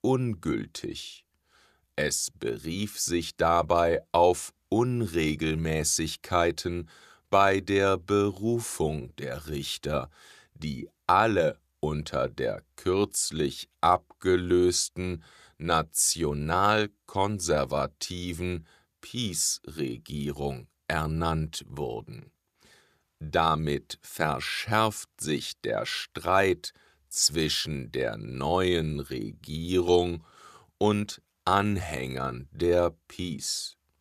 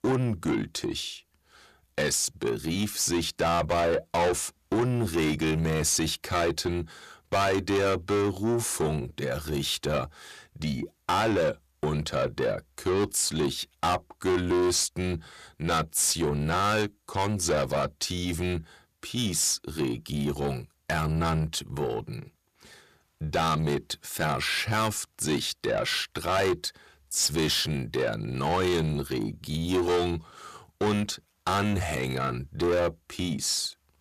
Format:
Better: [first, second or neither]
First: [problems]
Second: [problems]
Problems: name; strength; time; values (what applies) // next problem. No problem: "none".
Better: first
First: none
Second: distortion; heavy; 6 dB below the speech